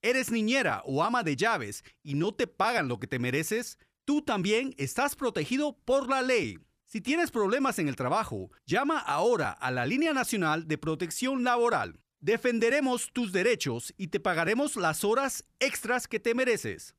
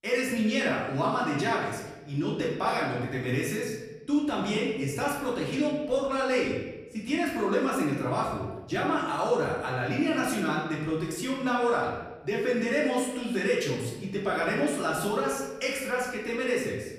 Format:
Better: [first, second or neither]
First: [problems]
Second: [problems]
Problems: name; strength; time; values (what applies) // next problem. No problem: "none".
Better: first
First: none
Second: room echo; noticeable; dies away in 1 s // off-mic speech; far